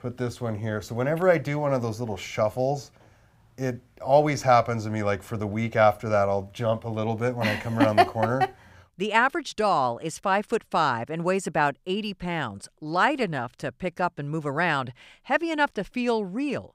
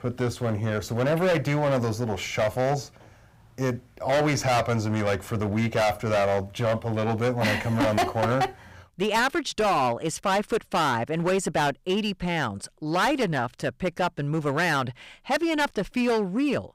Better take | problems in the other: first | distortion; heavy; 14% of the sound clipped

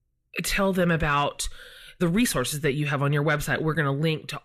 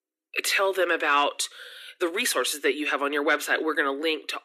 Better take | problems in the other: first | thin; somewhat; fading below 300 Hz

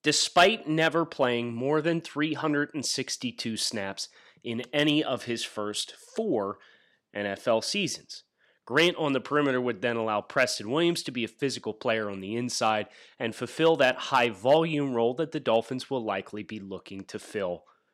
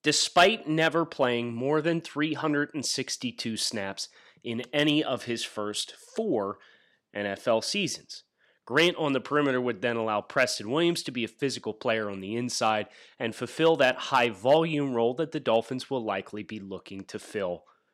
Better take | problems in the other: neither | none

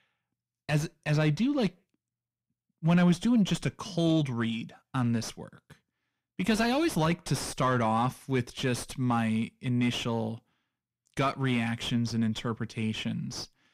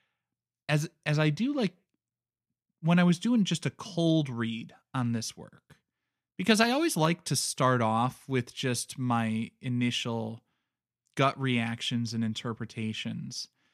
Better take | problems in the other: second | distortion; slight; 9 dB below the speech

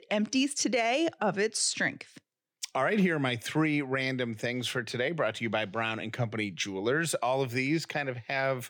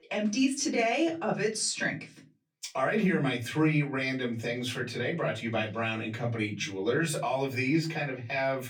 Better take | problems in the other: first | off-mic speech; far // room echo; very slight; dies away in 0.3 s

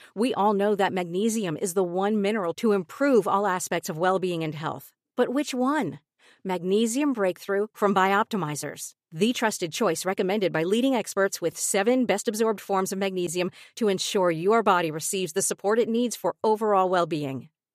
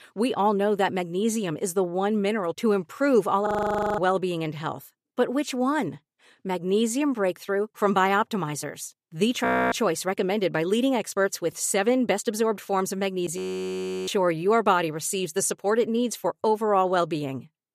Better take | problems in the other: first | audio freezing; at 3.5 s for 0.5 s, at 9.5 s and at 13 s for 0.5 s

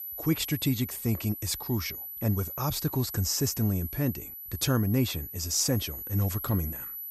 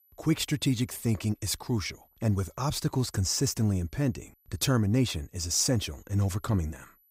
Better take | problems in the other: second | high-pitched whine; loud; throughout; 12 kHz, 7 dB below the speech; faint in the second

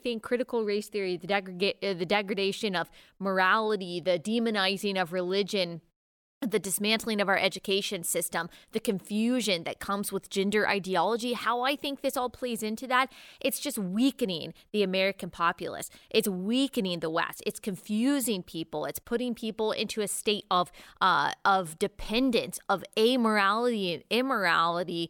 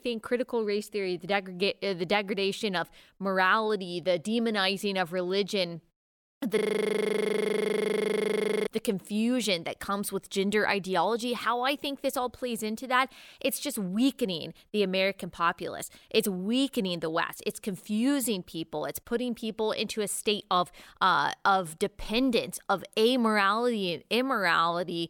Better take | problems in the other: first | audio freezing; at 6.5 s for 2 s

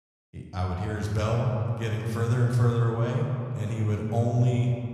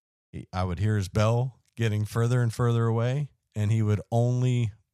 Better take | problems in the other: second | room echo; noticeable; dies away in 2.4 s // off-mic speech; somewhat distant

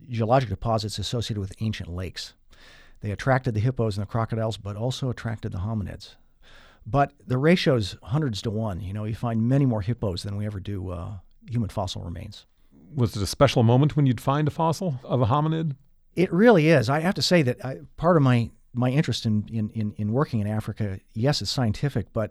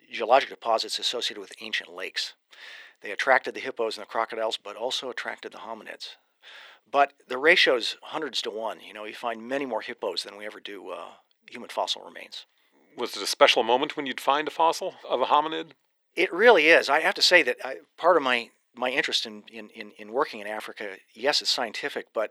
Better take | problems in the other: first | thin; very; fading below 350 Hz

